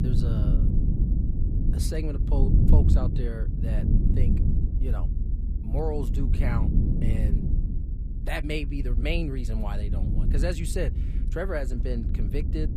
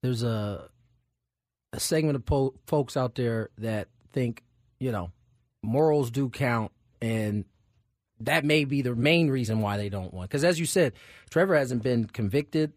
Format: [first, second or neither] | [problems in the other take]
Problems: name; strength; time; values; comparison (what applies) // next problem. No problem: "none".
second | low rumble; loud; throughout; 4 dB below the speech